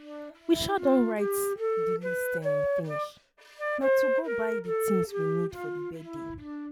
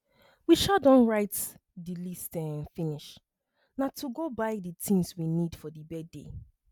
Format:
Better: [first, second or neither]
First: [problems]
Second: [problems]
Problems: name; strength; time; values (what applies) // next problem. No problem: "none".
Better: second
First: background sound (Wind instrument, woodwind instrument); 2 dB above the speech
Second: none